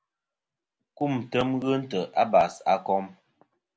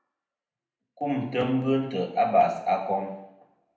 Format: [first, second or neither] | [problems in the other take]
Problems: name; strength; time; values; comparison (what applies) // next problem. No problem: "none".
first | room echo; dies away in 0.7 s